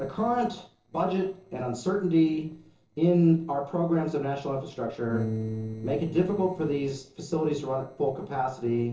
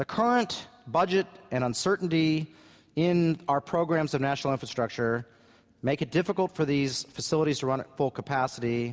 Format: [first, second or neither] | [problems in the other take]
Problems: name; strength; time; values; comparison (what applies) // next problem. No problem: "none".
second | noise reduction (neural separator model SepFormer DNS4)